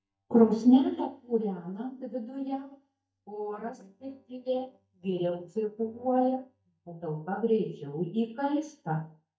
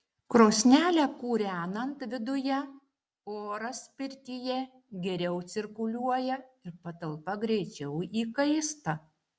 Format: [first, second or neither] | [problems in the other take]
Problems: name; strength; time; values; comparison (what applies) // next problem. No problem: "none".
second | noise reduction (neural mask model DeepFilterNet 3)